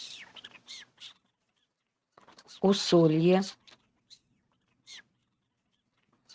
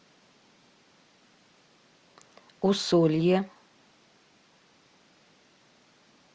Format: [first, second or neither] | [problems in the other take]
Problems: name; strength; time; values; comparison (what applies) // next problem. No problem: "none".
second | noise reduction (neural mask model RNNoise)